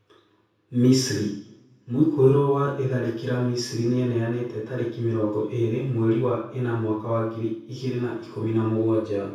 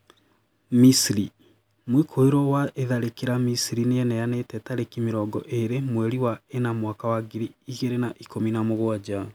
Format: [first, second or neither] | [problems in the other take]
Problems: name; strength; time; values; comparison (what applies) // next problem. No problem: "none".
second | room echo; dies away in 0.6 s